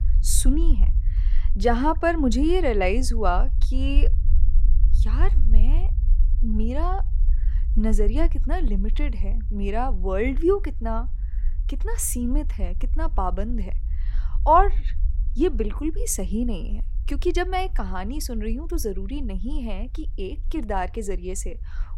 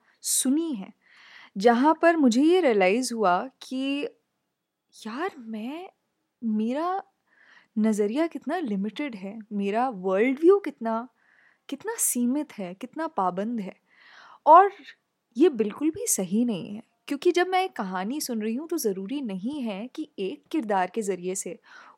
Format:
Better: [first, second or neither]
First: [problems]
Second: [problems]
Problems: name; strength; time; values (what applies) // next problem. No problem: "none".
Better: second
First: low rumble; faint; throughout; 25 dB below the speech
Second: none